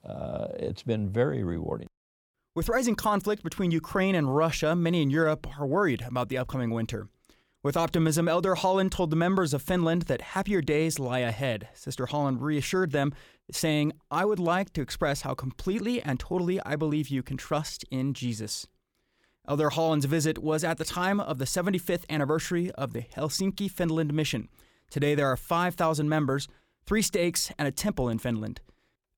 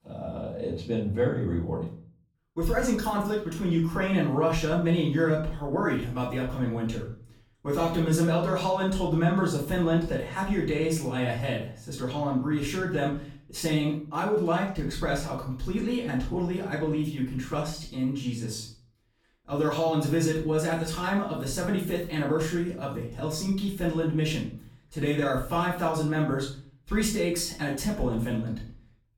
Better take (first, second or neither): first